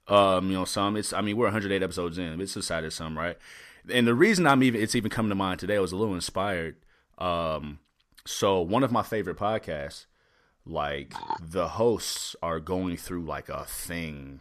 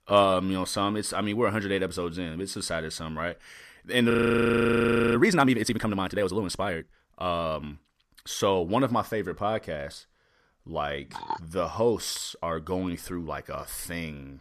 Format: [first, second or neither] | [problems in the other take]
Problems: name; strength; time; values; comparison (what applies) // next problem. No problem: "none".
first | audio freezing; at 4 s for 1 s